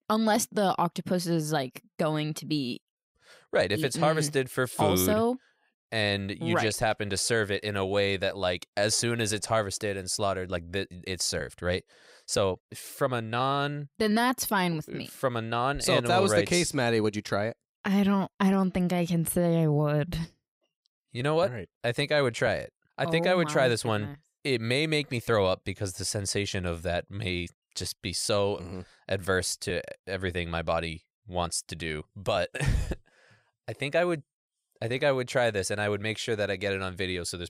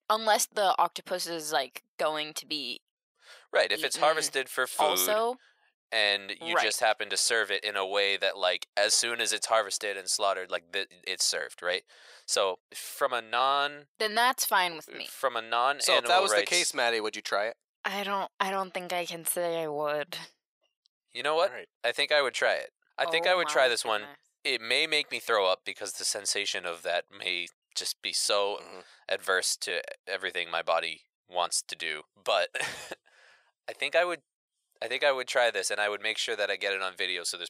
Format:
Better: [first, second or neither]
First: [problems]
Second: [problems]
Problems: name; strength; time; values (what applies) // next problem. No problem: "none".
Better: first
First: none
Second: thin; very; fading below 700 Hz